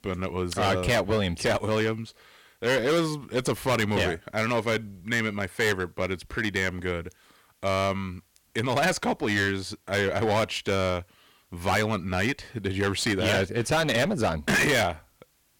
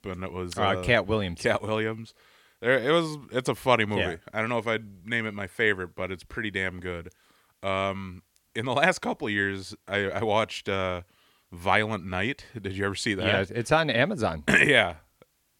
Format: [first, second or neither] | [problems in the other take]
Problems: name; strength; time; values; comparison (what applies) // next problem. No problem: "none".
second | distortion; heavy; 13% of the sound clipped